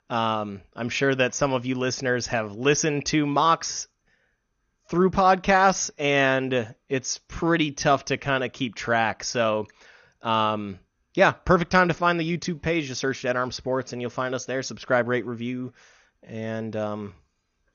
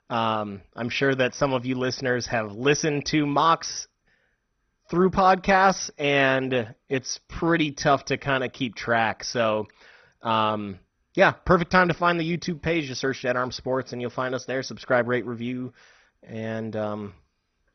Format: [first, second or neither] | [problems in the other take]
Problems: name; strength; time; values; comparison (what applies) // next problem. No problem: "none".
first | garbled, watery; badly; nothing above 6 kHz; slightly in the first